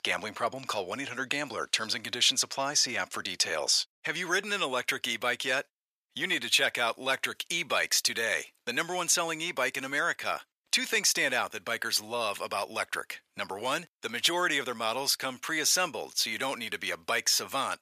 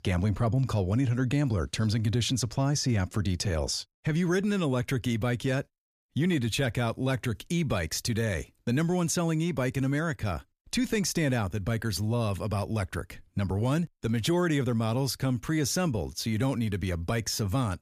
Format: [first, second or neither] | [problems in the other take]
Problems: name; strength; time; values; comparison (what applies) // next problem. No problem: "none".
second | thin; very; fading below 700 Hz